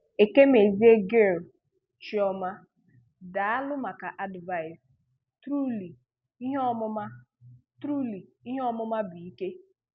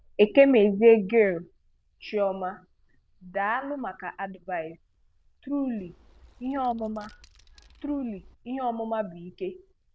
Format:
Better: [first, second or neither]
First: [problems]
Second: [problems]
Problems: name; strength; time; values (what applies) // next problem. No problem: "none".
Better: first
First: none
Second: noise reduction (neural diffusion model UNIVERSE++)